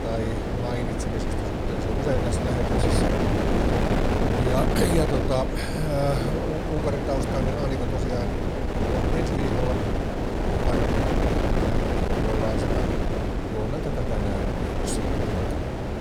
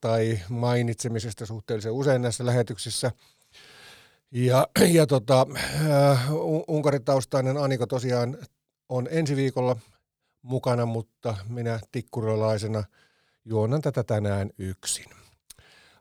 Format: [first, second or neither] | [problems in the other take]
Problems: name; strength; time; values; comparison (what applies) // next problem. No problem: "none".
second | wind noise on the microphone; heavy; 3 dB above the speech